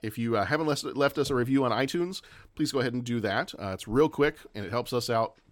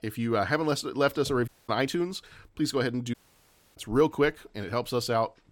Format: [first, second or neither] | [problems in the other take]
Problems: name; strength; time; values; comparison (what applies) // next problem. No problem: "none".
first | audio cutting out; at 1.5 s and at 3 s for 0.5 s